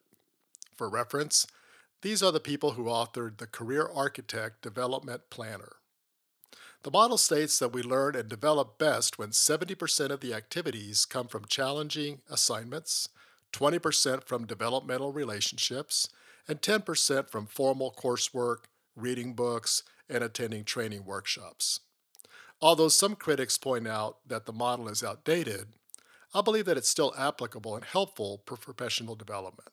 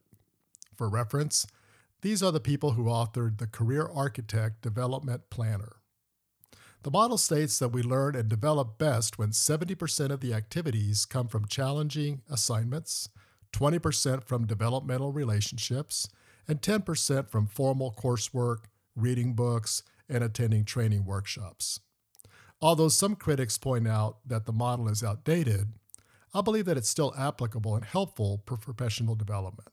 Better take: second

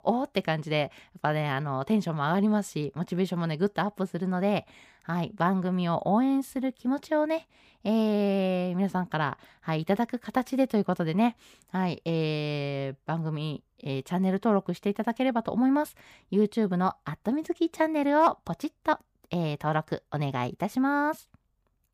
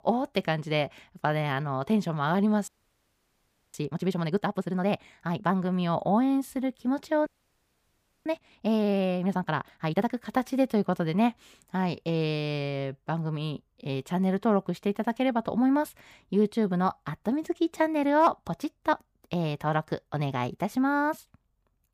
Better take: first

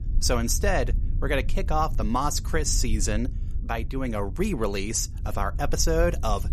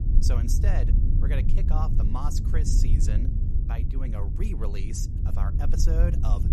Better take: first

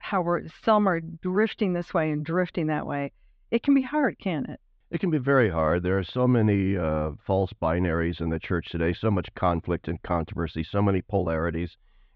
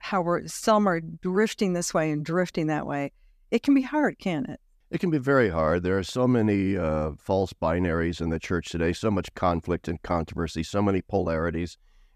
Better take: second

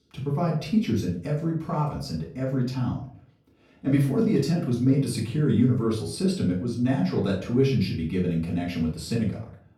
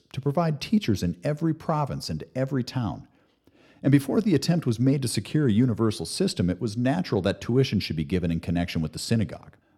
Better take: second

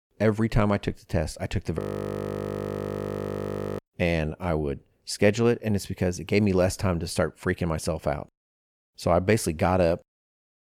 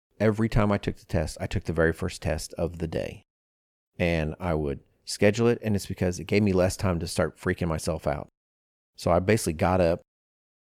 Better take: second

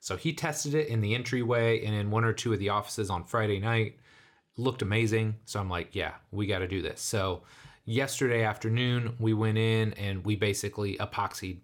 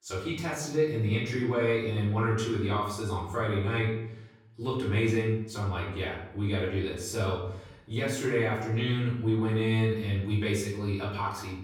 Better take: first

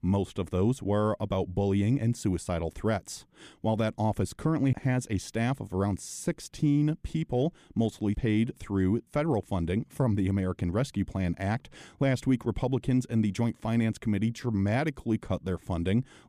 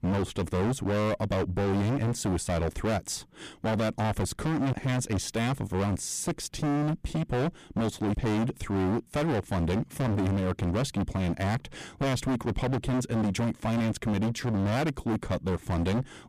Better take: first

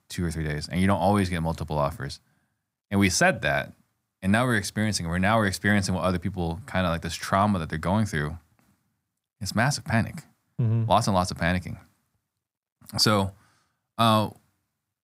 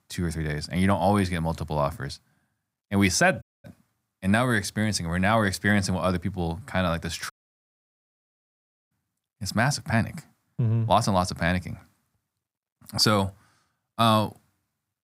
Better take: first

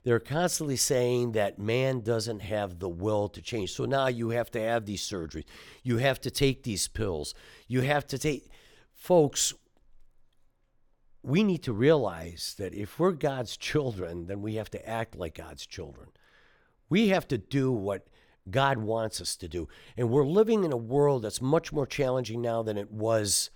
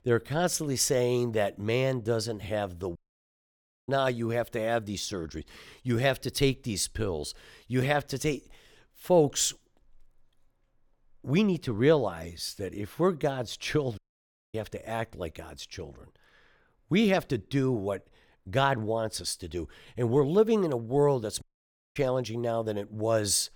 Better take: first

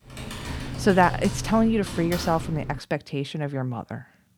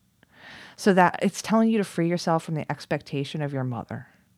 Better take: second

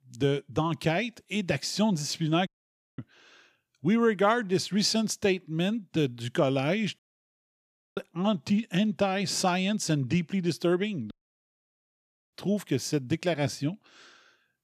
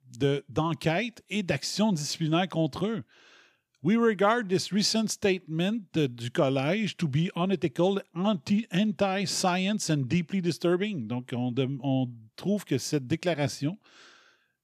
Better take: second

